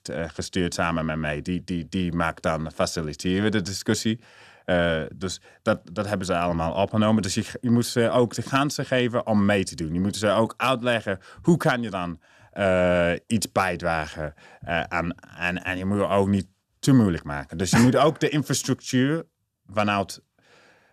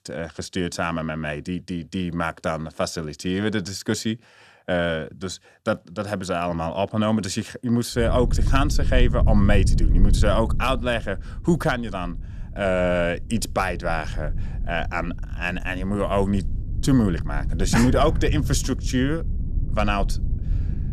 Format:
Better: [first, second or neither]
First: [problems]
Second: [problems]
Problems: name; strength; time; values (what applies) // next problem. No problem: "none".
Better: first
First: none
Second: low rumble; noticeable; from 8 s on; 15 dB below the speech